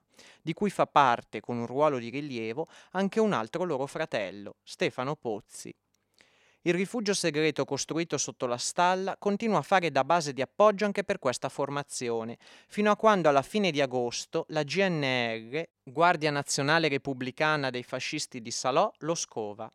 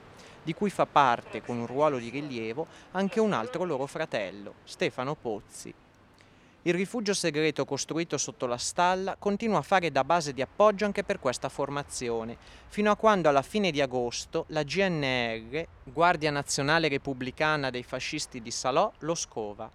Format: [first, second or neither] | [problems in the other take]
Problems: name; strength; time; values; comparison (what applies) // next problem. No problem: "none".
first | train or aircraft noise; faint; throughout; 25 dB below the speech